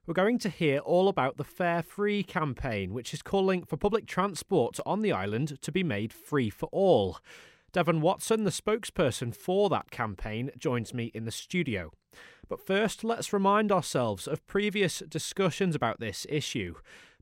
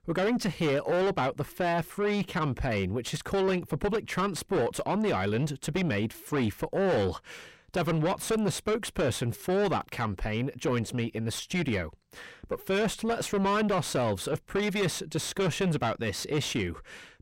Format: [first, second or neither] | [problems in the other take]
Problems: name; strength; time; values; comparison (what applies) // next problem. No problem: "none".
first | distortion; heavy; 7 dB below the speech